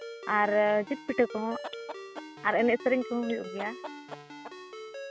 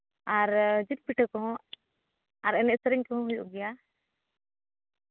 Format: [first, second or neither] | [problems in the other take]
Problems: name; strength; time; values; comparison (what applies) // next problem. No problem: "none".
second | background sound (Chicken, rooster + Ringtone); 12 dB below the speech